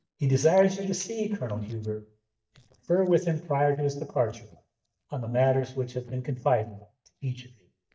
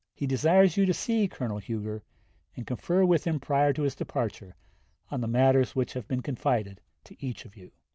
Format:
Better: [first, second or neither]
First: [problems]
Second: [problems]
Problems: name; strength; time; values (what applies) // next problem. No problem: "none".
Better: second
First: noise reduction (neural mask model DeepFilterNet 3)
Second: none